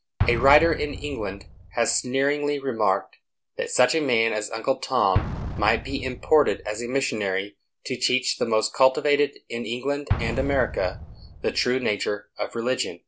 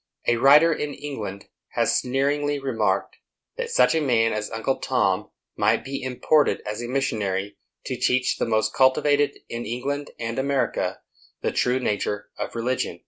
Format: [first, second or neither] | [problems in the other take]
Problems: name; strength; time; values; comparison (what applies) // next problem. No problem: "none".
second | background sound (Explosion); 10 dB below the speech